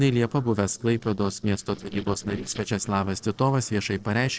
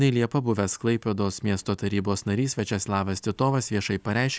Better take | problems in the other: second | noise reduction (neural separator model SepFormer DNS4)

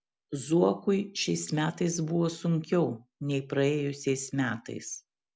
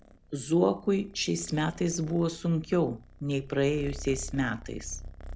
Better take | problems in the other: first | background sound (Purr); 15 dB below the speech

